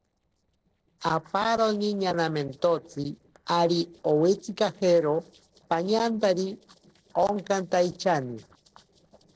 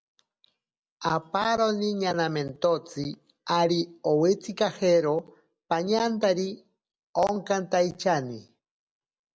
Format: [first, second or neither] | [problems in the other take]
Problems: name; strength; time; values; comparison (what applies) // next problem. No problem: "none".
second | noise reduction (neural separator model SepFormer DNS4)